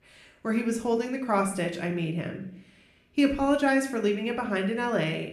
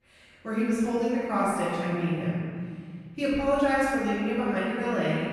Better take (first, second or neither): first